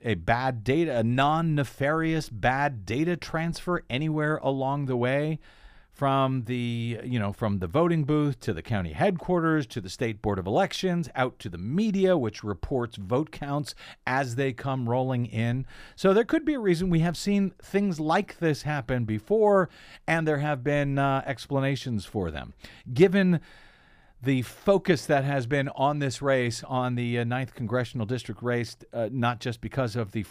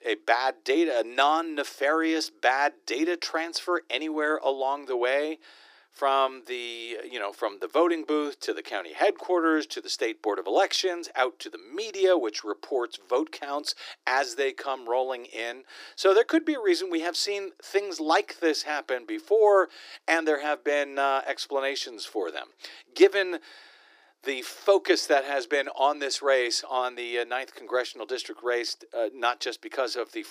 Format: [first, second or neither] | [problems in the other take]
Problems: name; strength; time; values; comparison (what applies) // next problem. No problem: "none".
first | thin; very; fading below 300 Hz